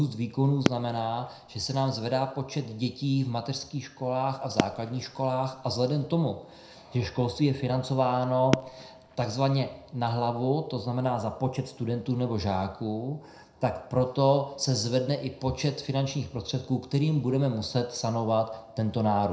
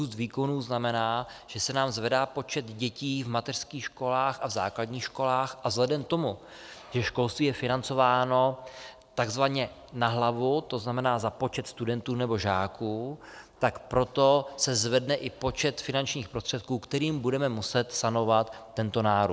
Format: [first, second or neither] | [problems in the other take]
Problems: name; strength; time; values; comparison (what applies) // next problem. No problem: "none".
second | background sound (Fireworks); 6 dB below the speech // room echo; dies away in 0.4 s